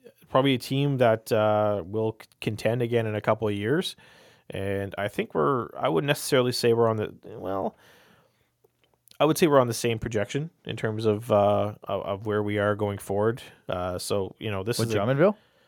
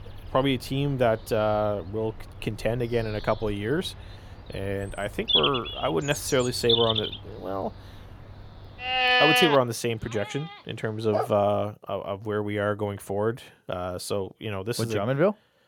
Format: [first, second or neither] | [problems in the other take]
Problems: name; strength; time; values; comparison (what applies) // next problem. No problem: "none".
first | animal sounds; very loud; until 11 s; 3 dB above the speech